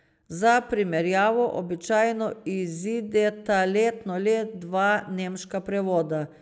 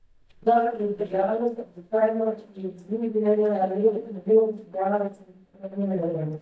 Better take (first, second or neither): first